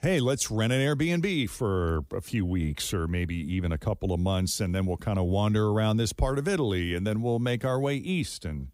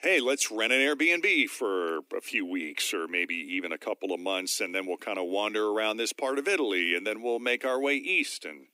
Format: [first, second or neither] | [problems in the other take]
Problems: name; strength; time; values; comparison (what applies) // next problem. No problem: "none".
first | thin; somewhat; fading below 250 Hz